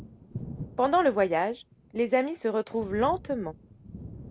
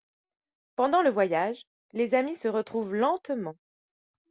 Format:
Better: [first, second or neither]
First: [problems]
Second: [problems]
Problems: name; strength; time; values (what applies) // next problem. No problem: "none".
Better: second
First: background sound (Thunder); 15 dB below the speech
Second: none